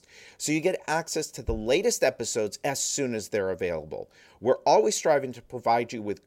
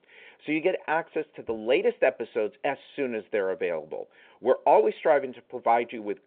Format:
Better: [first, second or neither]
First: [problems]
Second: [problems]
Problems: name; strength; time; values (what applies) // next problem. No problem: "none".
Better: first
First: none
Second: phone-call audio